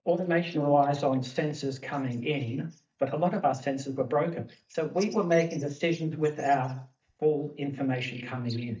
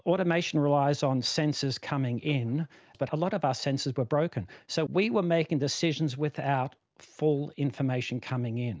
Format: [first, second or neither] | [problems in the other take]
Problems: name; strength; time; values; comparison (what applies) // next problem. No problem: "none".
second | noise reduction (neural mask model DeepFilterNet 3)